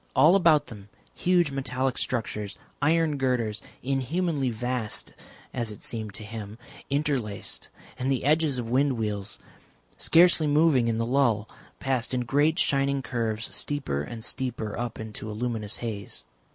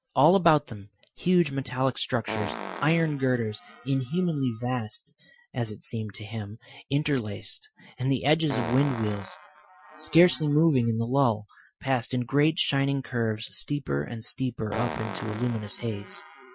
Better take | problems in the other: first | noise reduction (classical method Wiener filter)

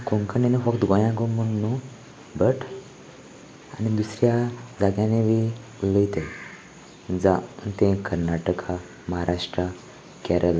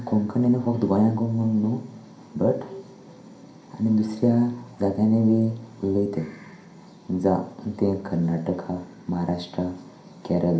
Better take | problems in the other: first | room echo; dies away in 0.5 s

